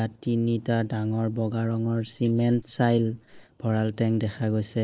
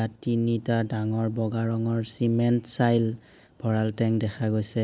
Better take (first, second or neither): second